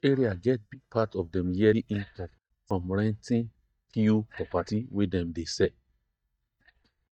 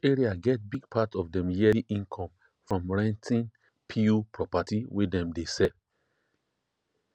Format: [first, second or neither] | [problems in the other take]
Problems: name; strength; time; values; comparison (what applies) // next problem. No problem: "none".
second | noise reduction (neural mask model DeepFilterNet 3)